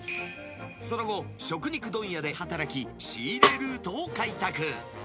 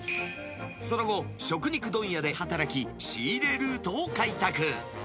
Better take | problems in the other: second | background sound (Snare drum); 5 dB above the speech

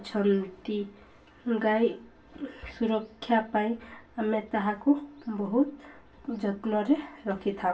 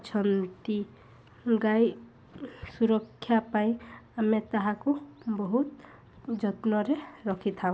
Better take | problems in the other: second | room echo; dies away in 0.2 s

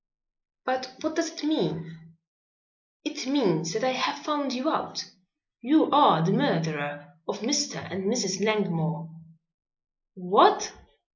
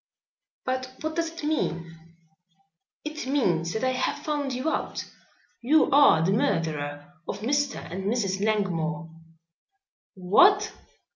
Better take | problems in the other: second | noise reduction (neural mask model Resemble Enhance denoiser)

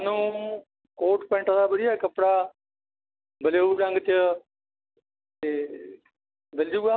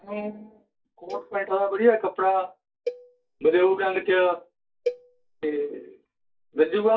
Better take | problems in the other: first | noise reduction (neural mask model DeepFilterNet 3)

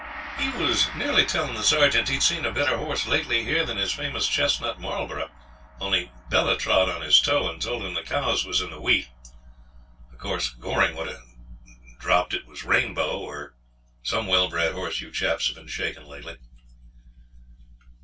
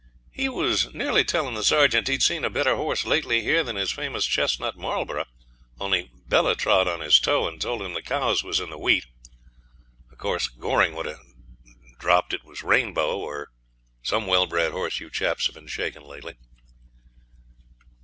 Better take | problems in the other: second | background sound (Gong); 19 dB below the speech // room echo; dies away in 0.1 s

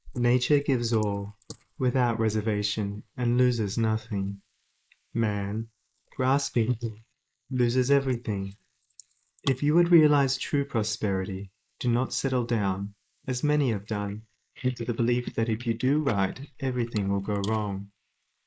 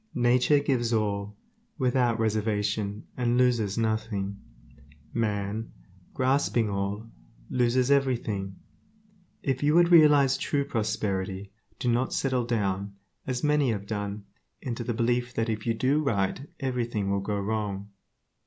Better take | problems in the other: second | noise reduction (neural mask model Resemble Enhance denoiser)

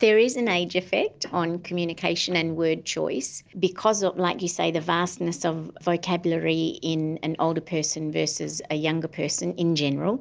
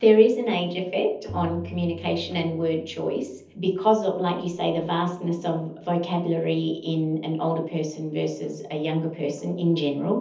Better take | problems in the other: first | background sound (Tabla); 18 dB below the speech // room echo; dies away in 0.7 s

